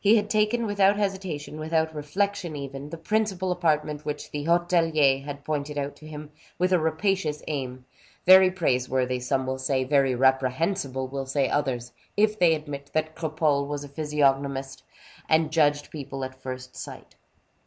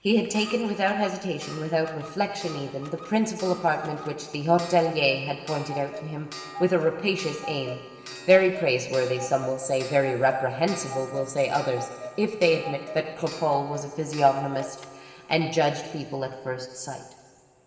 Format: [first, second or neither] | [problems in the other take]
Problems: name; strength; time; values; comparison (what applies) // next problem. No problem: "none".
first | background sound (Clock); 15 dB below the speech // room echo; dies away in 1.7 s